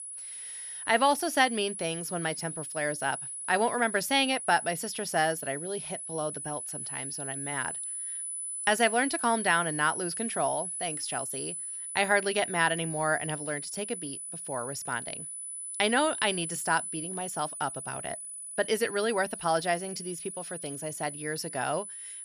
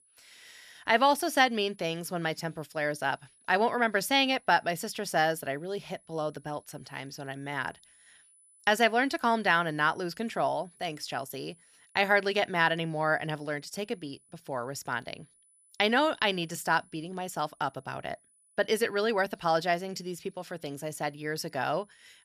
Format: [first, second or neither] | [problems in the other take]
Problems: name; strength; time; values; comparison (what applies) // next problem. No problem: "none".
second | high-pitched whine; loud; throughout; 10 kHz, 6 dB below the speech; faint in the second